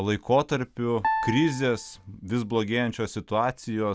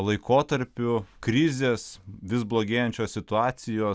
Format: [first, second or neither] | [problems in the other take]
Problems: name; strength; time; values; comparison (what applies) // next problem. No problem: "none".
second | background sound (Piano); 5 dB below the speech